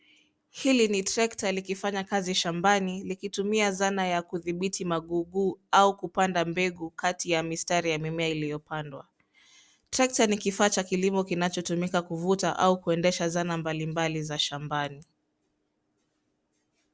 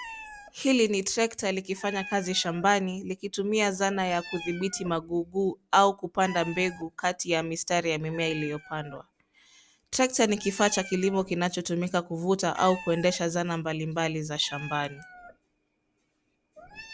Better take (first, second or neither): first